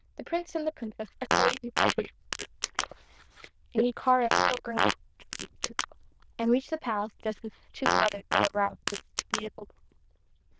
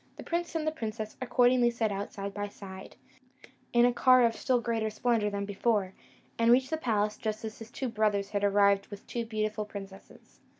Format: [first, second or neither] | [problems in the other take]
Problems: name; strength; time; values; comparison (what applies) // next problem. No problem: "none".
second | noise reduction (neural diffusion model UNIVERSE++)